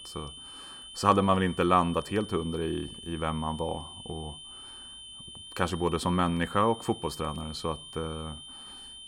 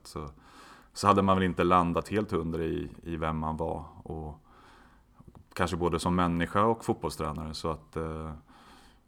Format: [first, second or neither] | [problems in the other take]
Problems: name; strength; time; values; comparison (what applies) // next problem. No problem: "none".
second | high-pitched whine; noticeable; throughout; 3 kHz, 15 dB below the speech